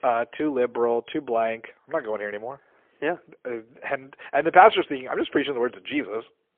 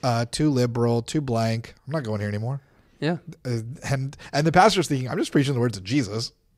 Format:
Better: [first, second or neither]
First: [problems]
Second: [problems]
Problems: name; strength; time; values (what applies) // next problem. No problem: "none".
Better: second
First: phone-call audio; poor line; nothing above 3.5 kHz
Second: none